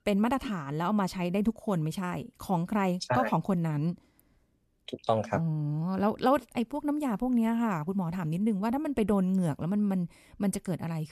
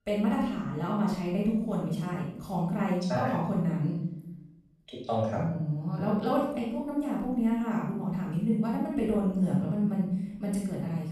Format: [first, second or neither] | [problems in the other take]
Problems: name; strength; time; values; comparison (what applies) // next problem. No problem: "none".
first | off-mic speech; far // room echo; noticeable; dies away in 0.8 s